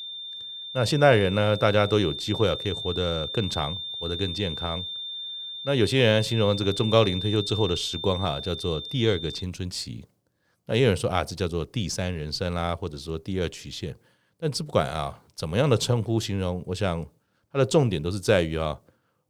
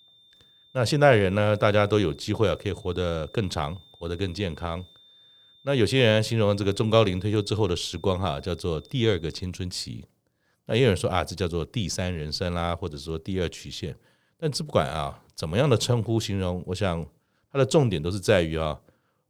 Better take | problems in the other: second | high-pitched whine; loud; until 9.5 s; 3.5 kHz, 7 dB below the speech; faint in the second

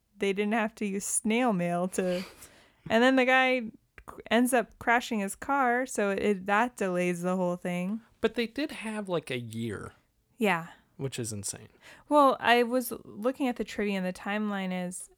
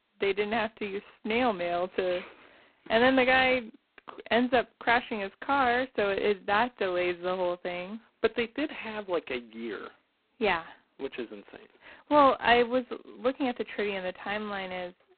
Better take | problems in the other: first | phone-call audio; poor line; nothing above 4 kHz

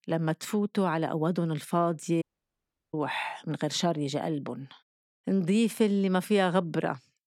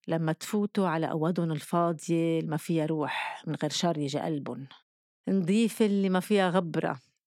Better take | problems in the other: second | audio cutting out; at 2 s for 0.5 s

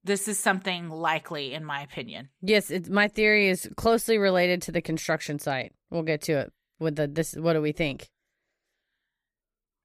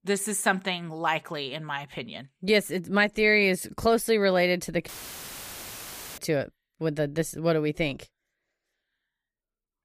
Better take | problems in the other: first | audio cutting out; filled with static; at 5 s for 1.5 s

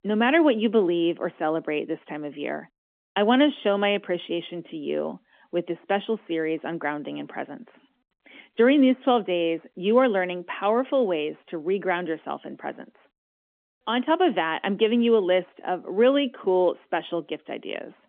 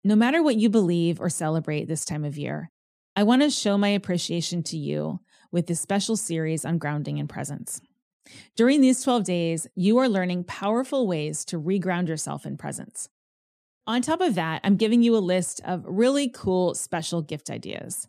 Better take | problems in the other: second | phone-call audio; nothing above 3.5 kHz

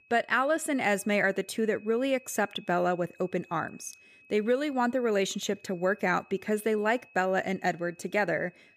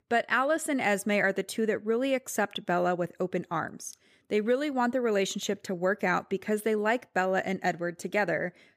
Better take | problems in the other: second | high-pitched whine; faint; throughout; 2.5 kHz, 25 dB below the speech

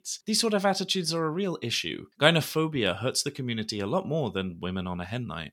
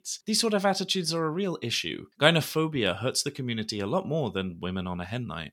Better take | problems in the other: neither | none

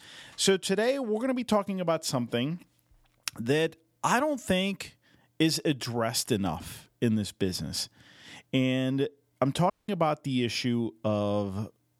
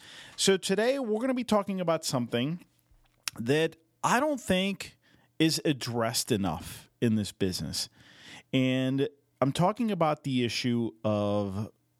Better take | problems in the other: second | audio cutting out; at 9.5 s

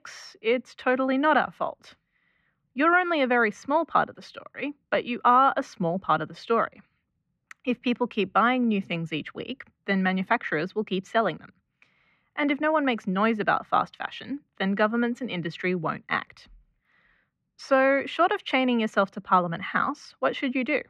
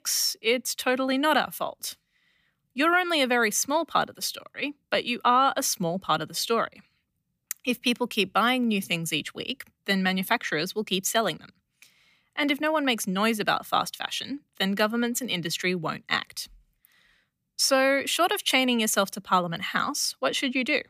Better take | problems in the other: second | muffled; very; fading above 1.5 kHz

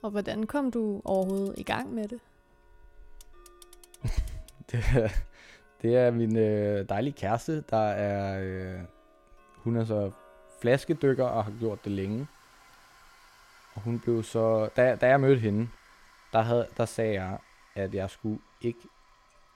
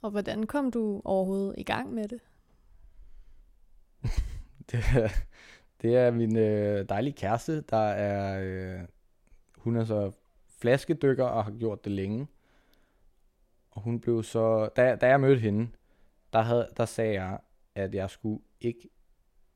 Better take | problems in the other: second | household noises; faint; throughout; 30 dB below the speech

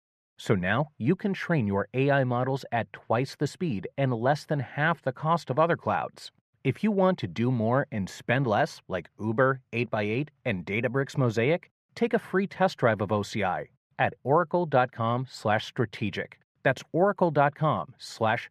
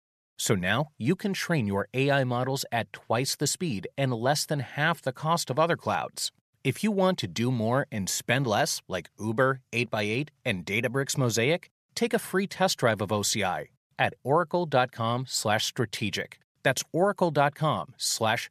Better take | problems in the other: second | muffled; slightly; fading above 4 kHz

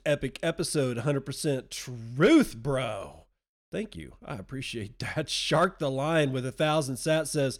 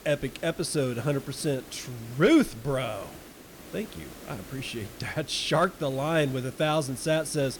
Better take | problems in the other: first | hiss; noticeable; throughout; 20 dB below the speech

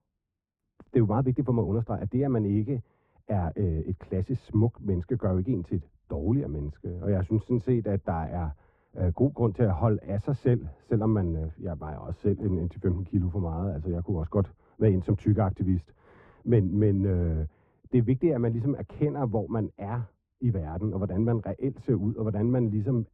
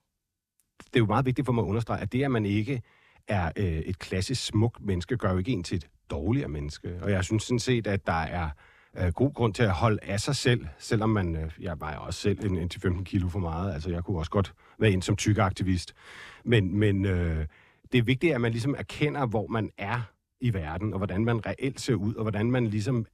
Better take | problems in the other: second | muffled; very; fading above 2 kHz

